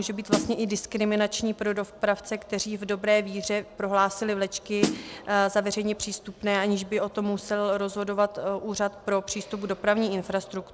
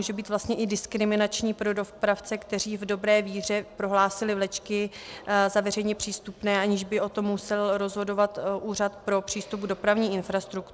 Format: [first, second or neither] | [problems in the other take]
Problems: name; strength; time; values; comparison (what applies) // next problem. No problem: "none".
second | background sound (Snare drum); 2 dB below the speech